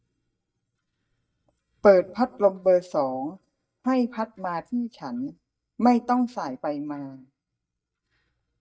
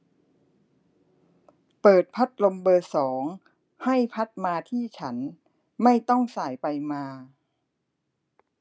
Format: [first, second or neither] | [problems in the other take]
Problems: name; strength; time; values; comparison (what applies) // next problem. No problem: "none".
second | noise reduction (neural mask model DeepFilterNet 3)